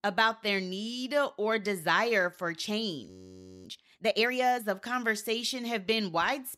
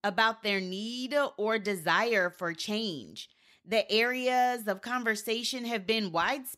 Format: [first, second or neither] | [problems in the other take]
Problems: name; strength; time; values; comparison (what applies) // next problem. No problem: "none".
second | audio freezing; at 3 s for 0.5 s